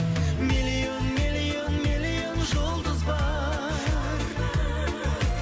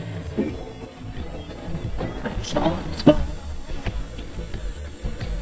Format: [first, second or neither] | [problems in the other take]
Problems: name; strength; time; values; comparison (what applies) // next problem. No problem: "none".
first | noise reduction (neural mask model DeepFilterNet 3)